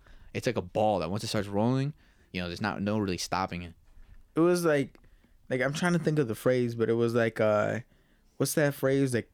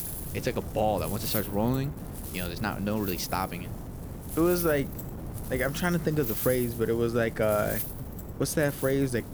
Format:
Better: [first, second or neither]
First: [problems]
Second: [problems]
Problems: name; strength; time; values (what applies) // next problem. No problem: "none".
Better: first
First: none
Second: wind noise on the microphone; occasional gusts; 15 dB below the speech